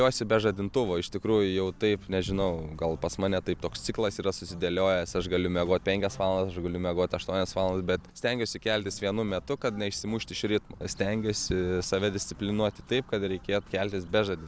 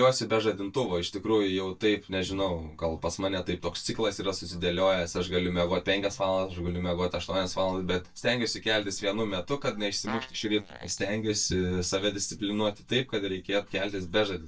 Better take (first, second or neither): first